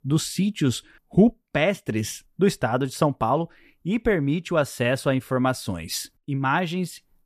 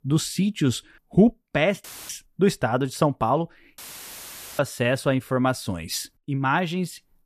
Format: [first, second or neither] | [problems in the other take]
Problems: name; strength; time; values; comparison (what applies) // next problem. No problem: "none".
first | audio cutting out; filled with static; at 2 s and at 4 s for 1 s